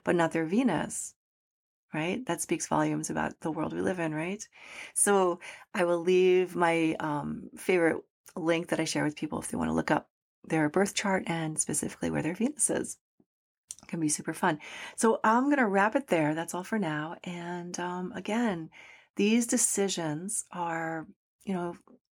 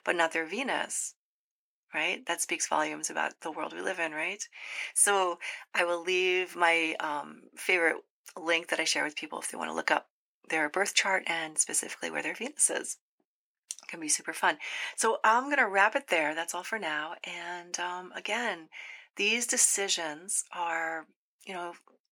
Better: first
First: none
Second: thin; somewhat; fading below 550 Hz

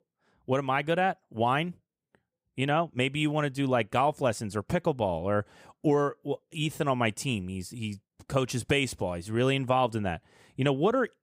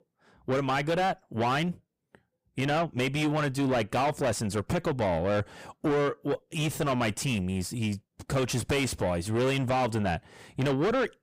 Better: first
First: none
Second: distortion; heavy; 5 dB below the speech

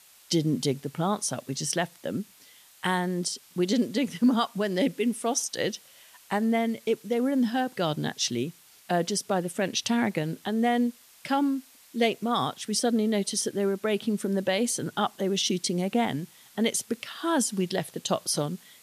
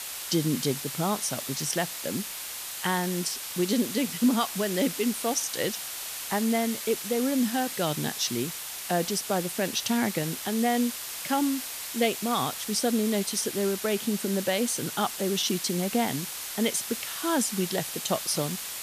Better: first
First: hiss; faint; throughout; 25 dB below the speech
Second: hiss; loud; throughout; 5 dB below the speech

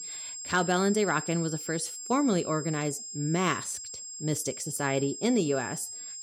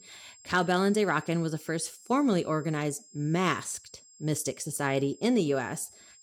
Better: second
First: high-pitched whine; loud; throughout; 7.5 kHz, 8 dB below the speech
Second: high-pitched whine; faint; throughout; 7.5 kHz, 25 dB below the speech

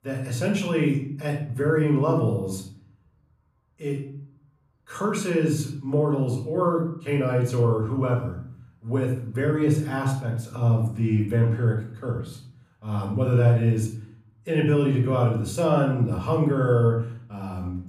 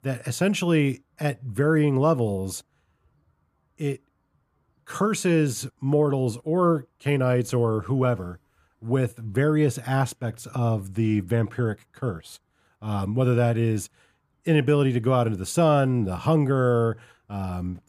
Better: second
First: off-mic speech; far // room echo; slight; dies away in 0.5 s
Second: none

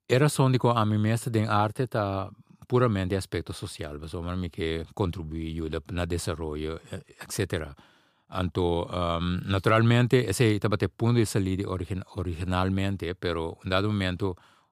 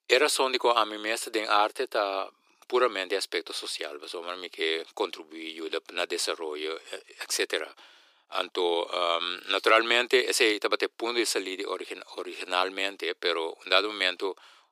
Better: first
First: none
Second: thin; very; fading below 350 Hz

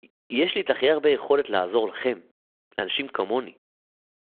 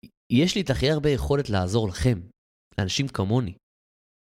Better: second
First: phone-call audio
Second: none

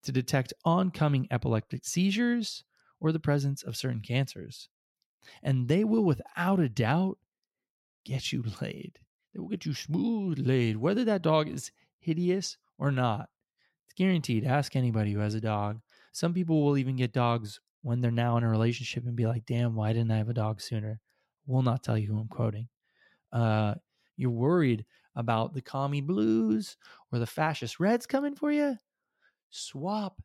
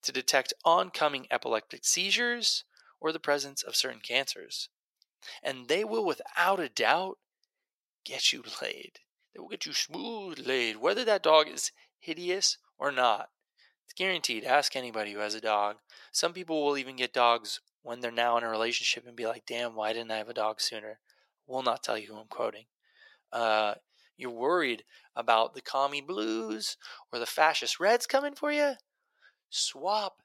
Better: first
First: none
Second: thin; very; fading below 500 Hz

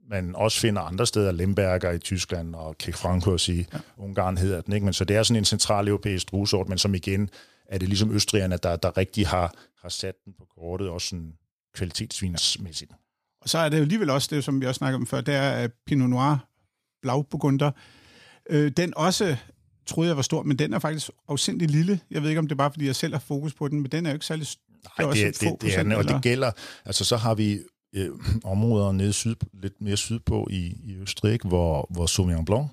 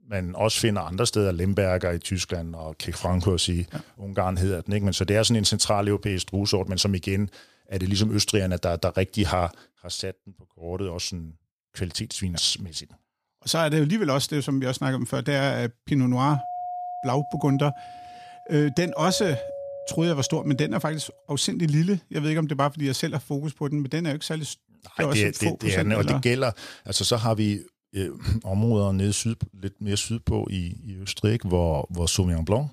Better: first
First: none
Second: doorbell; noticeable; from 16 to 21 s; peak 7 dB below the speech

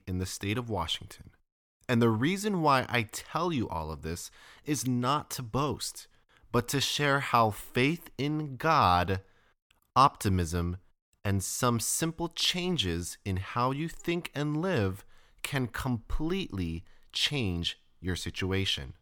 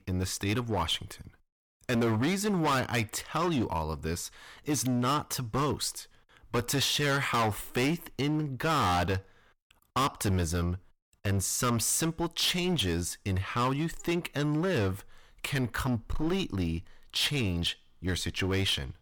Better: first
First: none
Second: distortion; heavy; 12% of the sound clipped

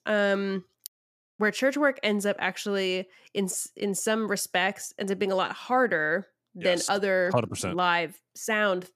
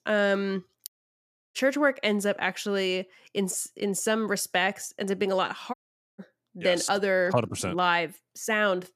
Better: first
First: none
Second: audio cutting out; at 1.5 s and at 5.5 s

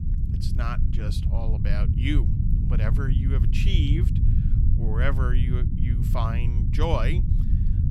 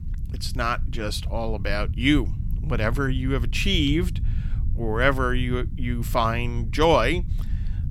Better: second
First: low rumble; loud; throughout; 5 dB below the speech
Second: low rumble; faint; throughout; 20 dB below the speech

